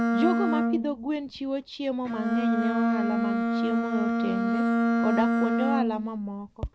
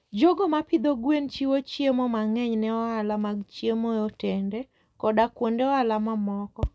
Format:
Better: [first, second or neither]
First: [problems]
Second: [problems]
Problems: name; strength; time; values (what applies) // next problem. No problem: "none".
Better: second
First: background sound (Bowed string instrument); 4 dB above the speech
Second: none